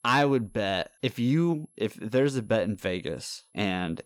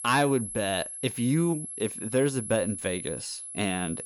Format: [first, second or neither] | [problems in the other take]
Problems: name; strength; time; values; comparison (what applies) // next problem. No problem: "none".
first | high-pitched whine; loud; throughout; 11 kHz, 7 dB below the speech; faint in the first